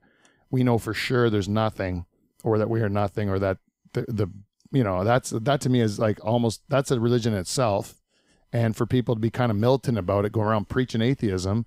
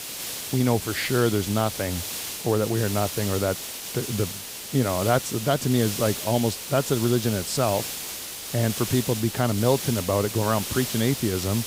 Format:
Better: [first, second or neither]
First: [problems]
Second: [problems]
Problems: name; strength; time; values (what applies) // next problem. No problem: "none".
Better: first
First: none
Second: hiss; loud; throughout; 6 dB below the speech